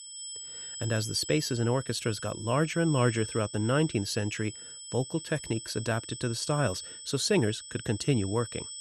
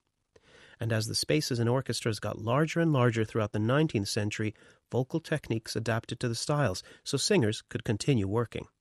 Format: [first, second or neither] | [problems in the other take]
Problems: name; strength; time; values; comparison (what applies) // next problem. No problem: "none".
second | high-pitched whine; loud; throughout; 8 kHz, 10 dB below the speech